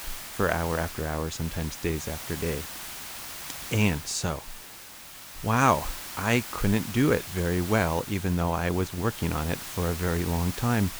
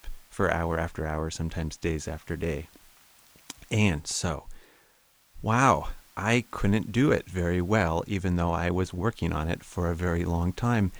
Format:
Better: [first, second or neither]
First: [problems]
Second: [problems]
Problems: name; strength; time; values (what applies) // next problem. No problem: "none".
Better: second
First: hiss; loud; throughout; 10 dB below the speech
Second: hiss; faint; throughout; 30 dB below the speech